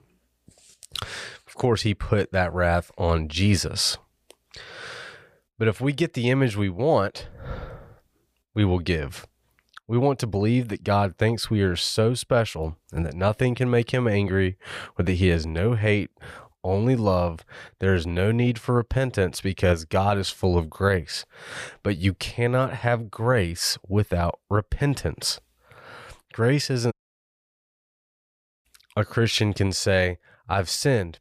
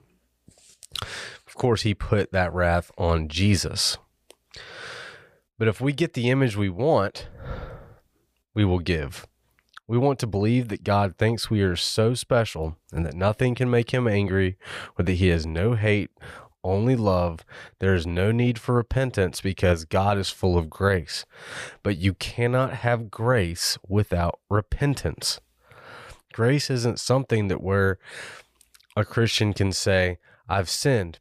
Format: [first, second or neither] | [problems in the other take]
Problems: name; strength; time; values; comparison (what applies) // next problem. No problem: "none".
second | audio cutting out; at 27 s for 1.5 s